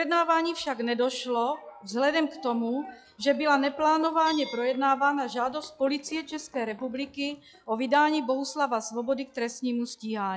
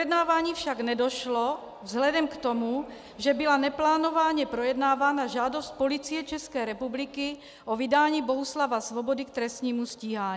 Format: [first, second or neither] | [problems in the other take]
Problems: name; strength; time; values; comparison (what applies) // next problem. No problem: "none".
second | noise reduction (classical method log-MMSE)